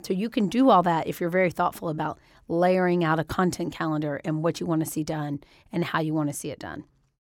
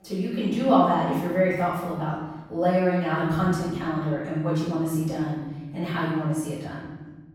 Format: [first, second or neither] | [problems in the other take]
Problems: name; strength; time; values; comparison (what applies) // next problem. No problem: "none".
first | off-mic speech; far // room echo; strong; dies away in 1.3 s